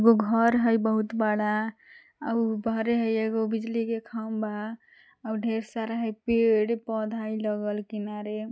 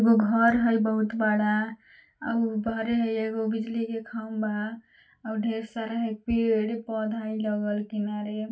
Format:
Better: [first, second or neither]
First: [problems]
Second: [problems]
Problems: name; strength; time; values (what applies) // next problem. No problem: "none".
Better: first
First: none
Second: room echo; dies away in 0.2 s